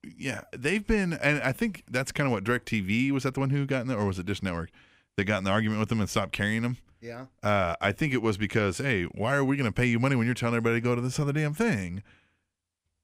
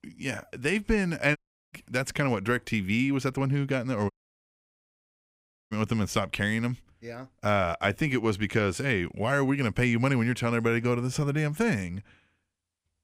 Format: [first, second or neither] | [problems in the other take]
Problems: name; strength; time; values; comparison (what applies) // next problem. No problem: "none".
first | audio cutting out; at 1.5 s and at 4 s for 1.5 s